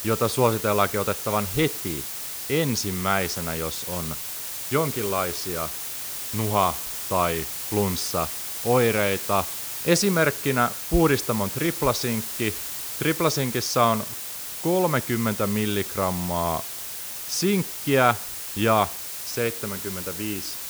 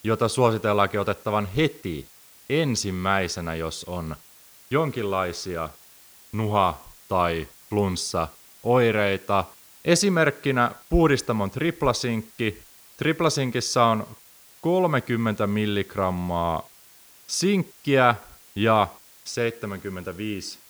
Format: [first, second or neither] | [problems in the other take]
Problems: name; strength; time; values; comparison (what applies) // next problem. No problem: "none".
second | hiss; loud; throughout; 5 dB below the speech; faint in the second